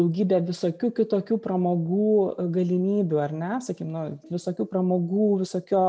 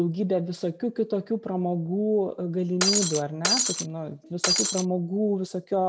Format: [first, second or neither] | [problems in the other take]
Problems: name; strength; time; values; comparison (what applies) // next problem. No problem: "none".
first | background sound (Shatter); 2 dB above the speech